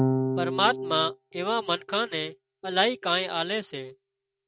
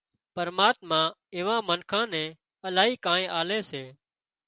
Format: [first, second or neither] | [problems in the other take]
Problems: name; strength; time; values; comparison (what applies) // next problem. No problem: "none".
second | noise reduction (neural mask model RNNoise)